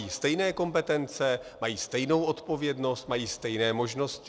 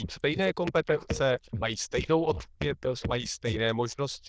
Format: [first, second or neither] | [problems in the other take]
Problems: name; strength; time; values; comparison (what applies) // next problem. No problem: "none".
first | noise reduction (neural diffusion model UNIVERSE++)